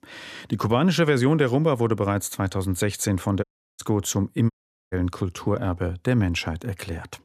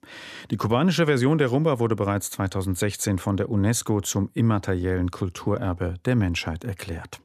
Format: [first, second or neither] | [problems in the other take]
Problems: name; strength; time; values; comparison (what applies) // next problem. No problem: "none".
second | audio cutting out; at 3.5 s and at 4.5 s